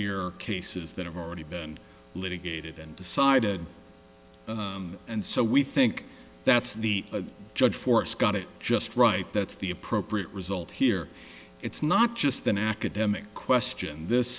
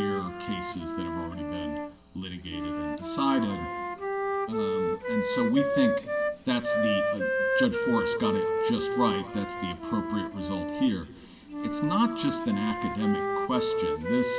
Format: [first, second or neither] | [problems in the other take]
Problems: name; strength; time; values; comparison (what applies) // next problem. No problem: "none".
first | background sound (Wind instrument, woodwind instrument); as loud as the speech // room echo; dies away in 1.9 s